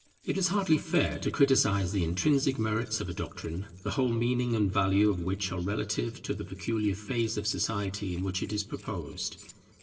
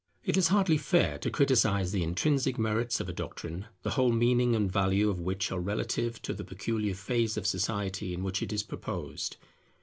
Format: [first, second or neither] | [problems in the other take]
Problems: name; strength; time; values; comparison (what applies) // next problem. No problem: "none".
second | noise reduction (neural separator model SepFormer DNS4)